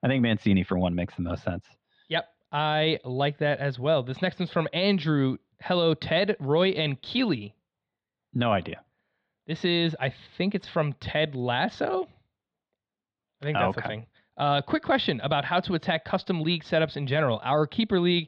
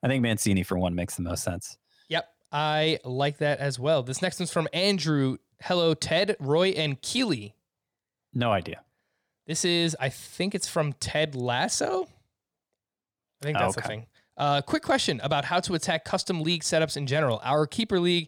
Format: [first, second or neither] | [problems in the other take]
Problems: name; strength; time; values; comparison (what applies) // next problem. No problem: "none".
second | muffled; slightly; fading above 3.5 kHz